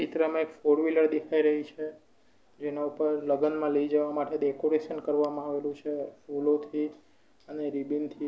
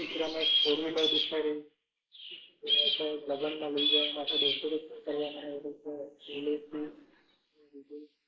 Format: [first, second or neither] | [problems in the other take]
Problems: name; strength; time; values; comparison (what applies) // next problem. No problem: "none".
first | noise reduction (neural mask model Resemble Enhance denoiser)